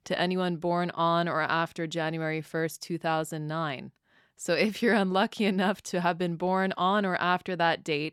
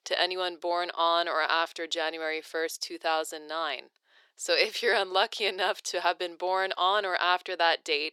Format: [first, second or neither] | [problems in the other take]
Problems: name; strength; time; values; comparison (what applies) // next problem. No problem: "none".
first | thin; very; fading below 400 Hz